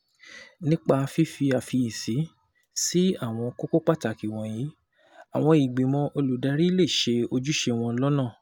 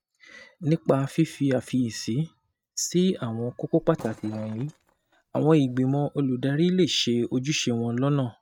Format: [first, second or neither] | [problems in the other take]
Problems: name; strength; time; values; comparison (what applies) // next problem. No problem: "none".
first | noise reduction (neural mask model RNNoise)